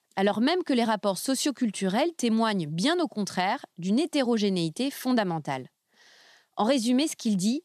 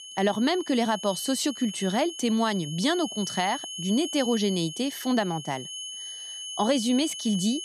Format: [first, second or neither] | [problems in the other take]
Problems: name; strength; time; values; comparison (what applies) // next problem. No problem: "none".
first | high-pitched whine; loud; throughout; 3 kHz, 9 dB below the speech